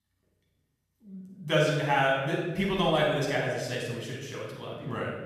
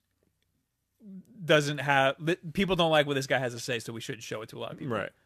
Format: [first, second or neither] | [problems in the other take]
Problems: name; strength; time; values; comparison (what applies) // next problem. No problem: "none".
second | off-mic speech; far // room echo; noticeable; dies away in 1.1 s